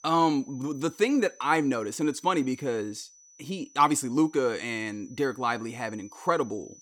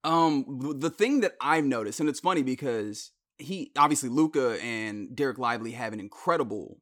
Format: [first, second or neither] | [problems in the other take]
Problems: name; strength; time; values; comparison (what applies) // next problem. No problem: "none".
second | high-pitched whine; faint; throughout; 6 kHz, 25 dB below the speech